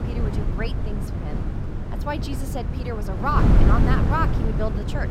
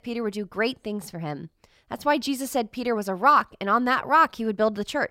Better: second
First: wind noise on the microphone; heavy; 5 dB below the speech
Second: none

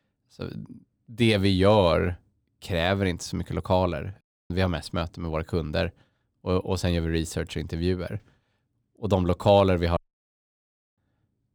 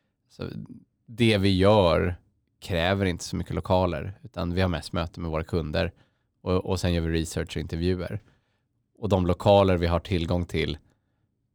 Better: second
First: audio cutting out; at 4 s and at 10 s for 1 s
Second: none

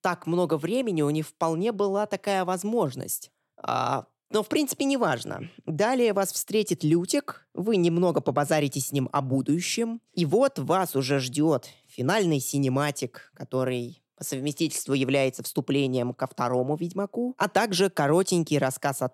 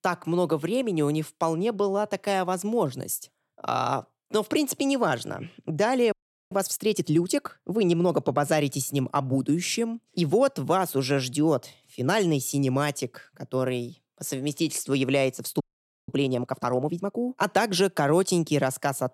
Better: first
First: none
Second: audio freezing; at 6 s and at 16 s

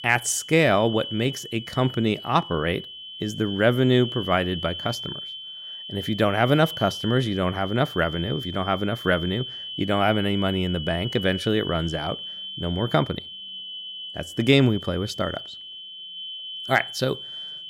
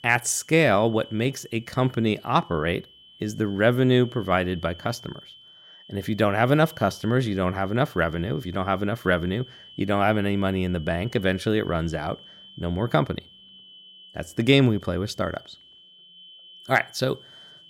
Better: second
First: high-pitched whine; loud; throughout; 3 kHz, 10 dB below the speech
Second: high-pitched whine; faint; throughout; 3 kHz, 20 dB below the speech

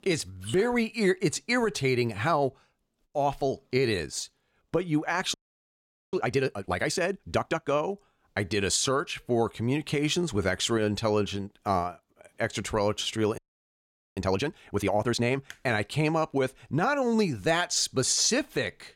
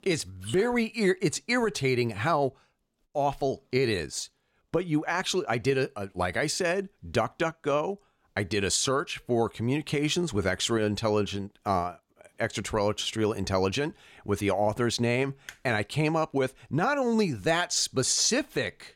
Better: second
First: audio freezing; at 5.5 s for 1 s and at 13 s for 1 s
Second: none

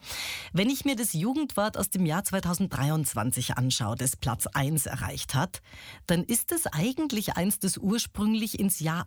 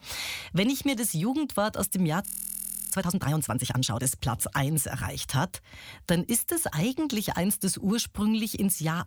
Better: first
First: none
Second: audio freezing; at 2.5 s for 0.5 s

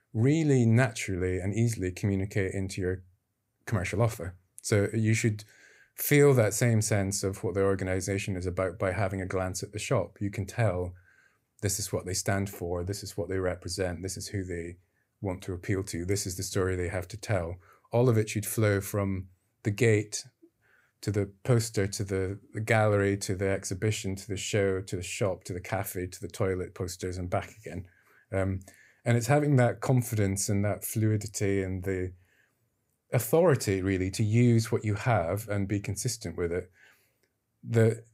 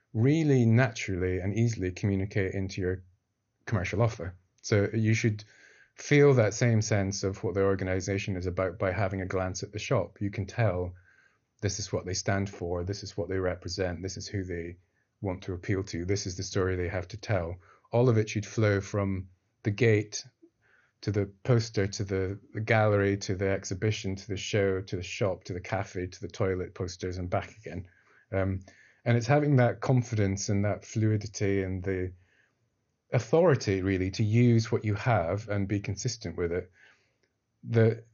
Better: first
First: none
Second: garbled, watery; slightly; nothing above 6.5 kHz

